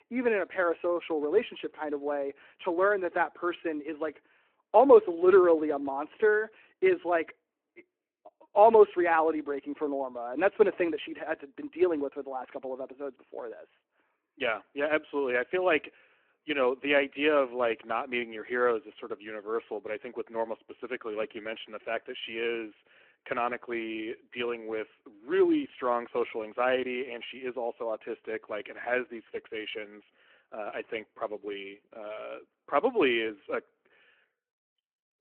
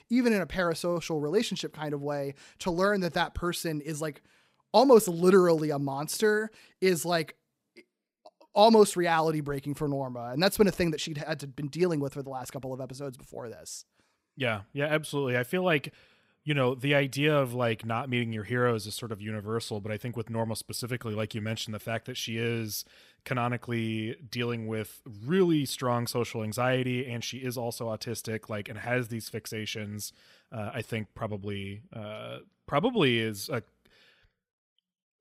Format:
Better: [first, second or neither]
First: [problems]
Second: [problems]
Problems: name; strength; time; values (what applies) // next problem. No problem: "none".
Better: second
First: phone-call audio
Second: none